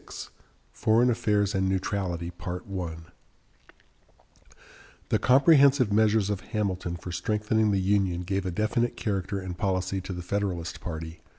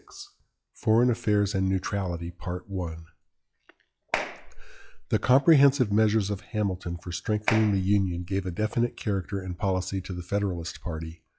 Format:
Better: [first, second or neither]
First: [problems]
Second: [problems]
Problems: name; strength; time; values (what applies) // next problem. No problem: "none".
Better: first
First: none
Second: noise reduction (classical method log-MMSE)